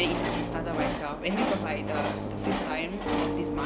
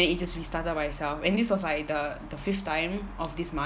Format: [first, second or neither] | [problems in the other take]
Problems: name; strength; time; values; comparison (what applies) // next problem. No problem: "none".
second | background sound (Piano + Train); 2 dB above the speech